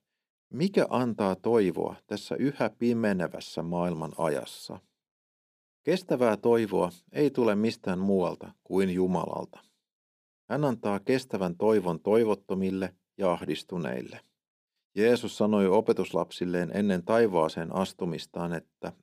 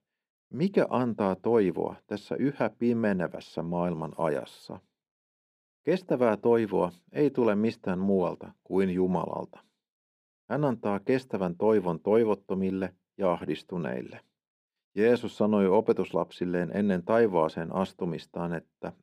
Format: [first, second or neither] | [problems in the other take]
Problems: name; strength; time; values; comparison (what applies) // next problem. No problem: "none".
first | muffled; slightly; fading above 3.5 kHz